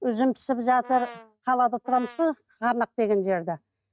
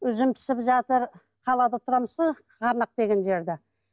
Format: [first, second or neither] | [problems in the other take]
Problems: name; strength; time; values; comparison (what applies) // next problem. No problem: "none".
second | noise reduction (neural mask model RNNoise)